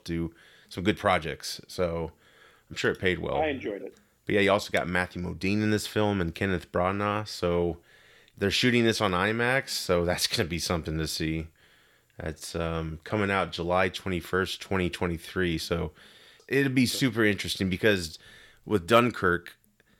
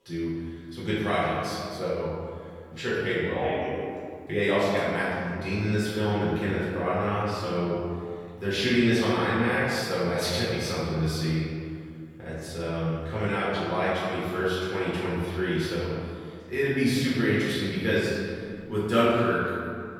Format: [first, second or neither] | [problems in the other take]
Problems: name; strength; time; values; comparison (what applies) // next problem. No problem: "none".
first | off-mic speech; far // room echo; strong; dies away in 2.1 s